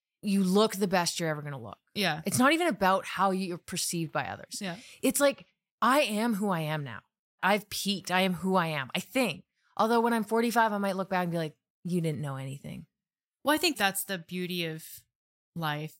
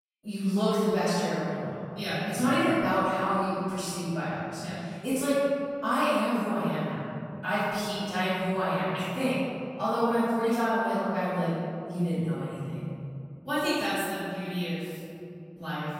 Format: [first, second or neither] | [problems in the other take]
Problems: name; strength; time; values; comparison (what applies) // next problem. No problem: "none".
first | off-mic speech; far // room echo; strong; dies away in 2.7 s